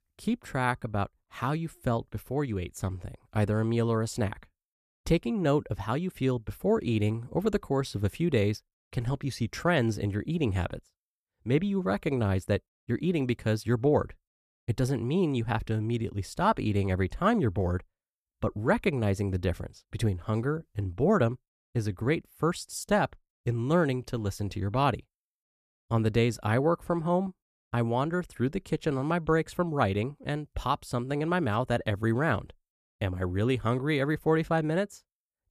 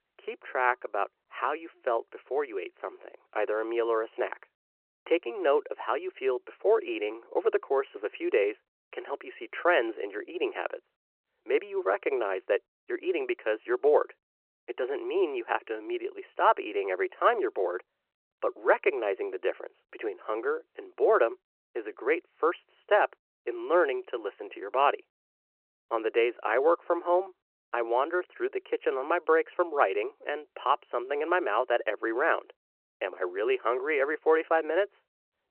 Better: first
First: none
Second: phone-call audio

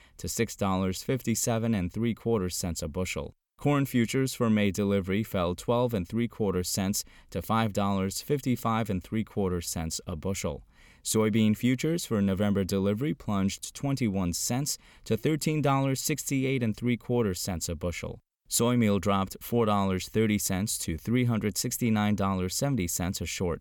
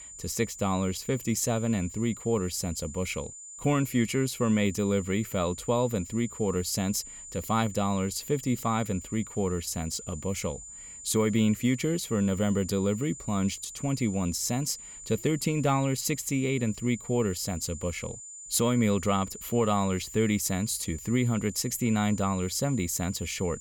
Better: first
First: none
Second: high-pitched whine; noticeable; throughout; 7 kHz, 15 dB below the speech

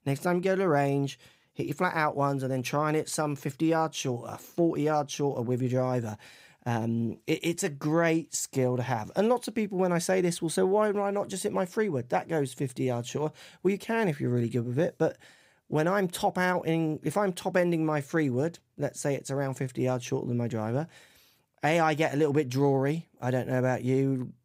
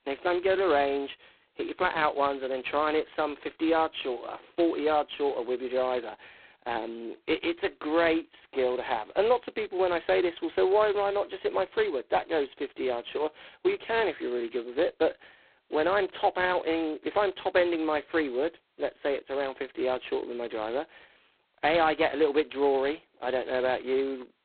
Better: first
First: none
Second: phone-call audio; poor line; nothing above 4 kHz

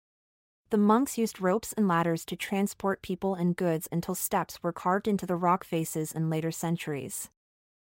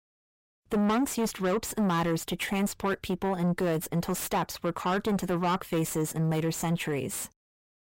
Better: first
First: none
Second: distortion; heavy; 6 dB below the speech

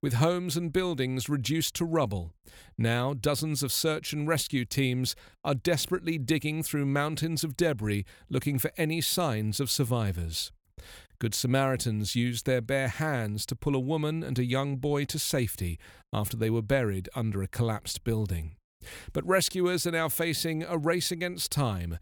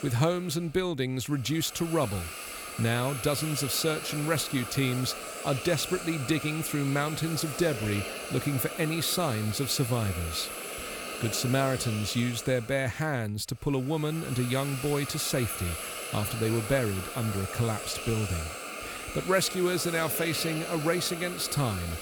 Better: first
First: none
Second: hiss; loud; throughout; 7 dB below the speech

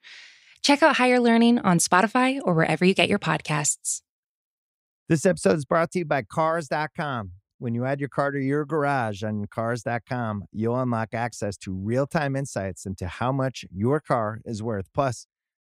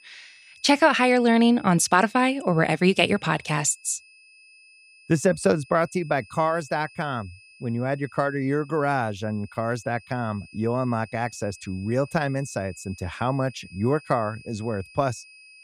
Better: first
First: none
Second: high-pitched whine; faint; throughout; 2.5 kHz, 25 dB below the speech

